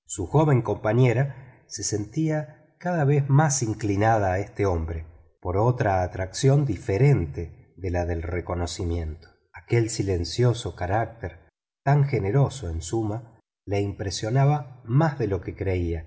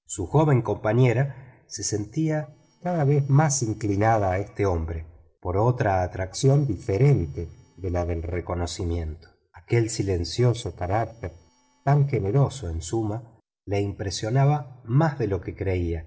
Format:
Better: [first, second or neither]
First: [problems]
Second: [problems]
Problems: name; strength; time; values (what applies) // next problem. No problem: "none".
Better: first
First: none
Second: noise reduction (neural separator model SepFormer DNS4)